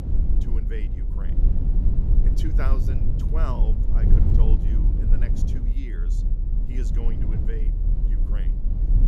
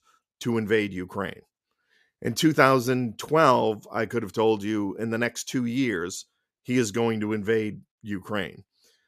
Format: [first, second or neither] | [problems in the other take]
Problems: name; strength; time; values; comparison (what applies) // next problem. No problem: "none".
second | low rumble; loud; throughout; as loud as the speech